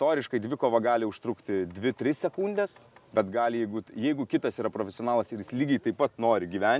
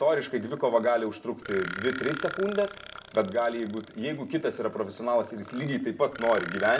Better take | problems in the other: first | background sound (Burping, eructation); 13 dB below the speech // room echo; dies away in 0.5 s

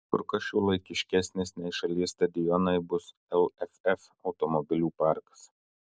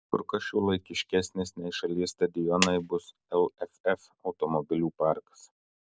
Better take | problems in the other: first | background sound (Clapping); 6 dB below the speech

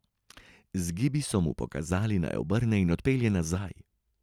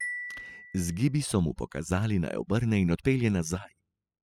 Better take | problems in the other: first | noise reduction (classical method spectral subtraction)

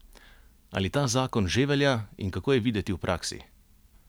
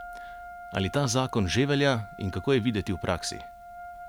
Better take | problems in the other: first | background sound (Wind instrument, woodwind instrument); 15 dB below the speech

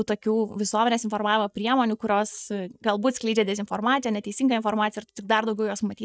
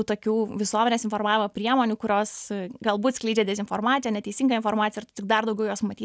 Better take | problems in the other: second | noise reduction (neural mask model DeepFilterNet 3)

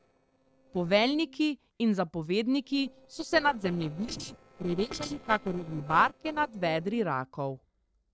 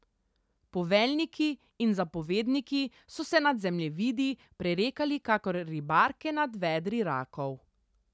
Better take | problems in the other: second | noise reduction (neural separator model SepFormer DNS4)

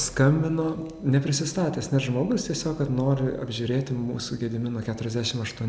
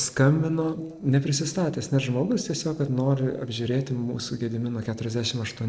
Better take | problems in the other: first | noise reduction (neural separator model SepFormer DNS4)

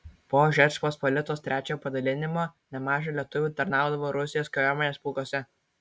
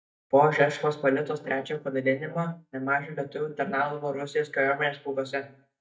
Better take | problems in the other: first | noise reduction (neural mask model DeepFilterNet 3)

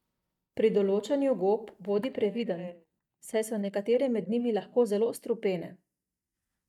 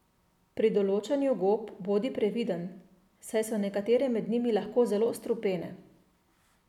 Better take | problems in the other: second | noise reduction (neural mask model DeepFilterNet 3)

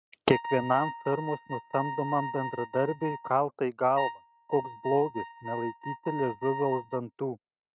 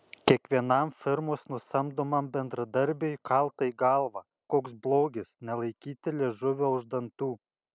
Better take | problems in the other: second | noise reduction (neural mask model RNNoise)

